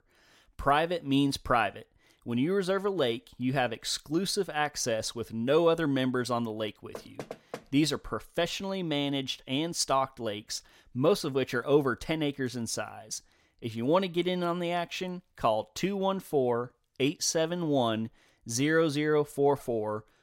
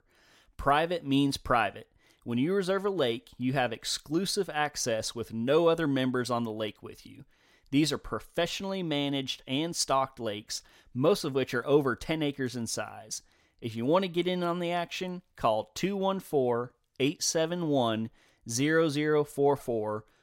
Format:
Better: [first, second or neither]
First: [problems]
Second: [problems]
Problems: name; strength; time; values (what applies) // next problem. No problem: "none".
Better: second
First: door banging; faint; at 7 s; peak 15 dB below the speech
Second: none